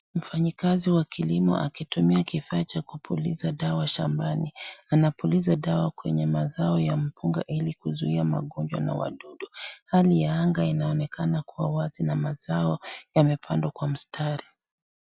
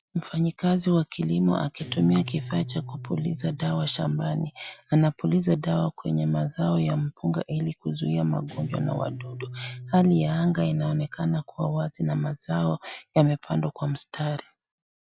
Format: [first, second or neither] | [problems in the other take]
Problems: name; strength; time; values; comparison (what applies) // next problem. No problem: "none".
first | background sound (Guitar); 17 dB below the speech